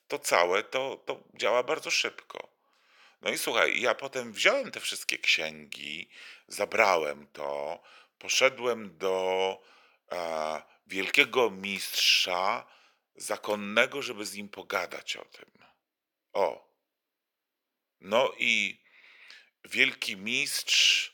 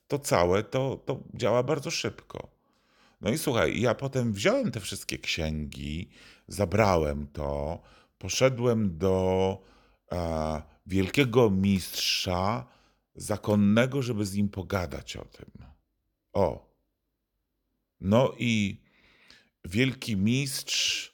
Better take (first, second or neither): second